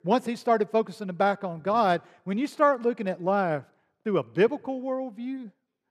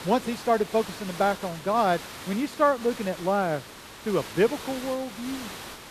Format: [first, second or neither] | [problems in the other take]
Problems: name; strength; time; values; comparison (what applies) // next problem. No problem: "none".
first | hiss; noticeable; throughout; 10 dB below the speech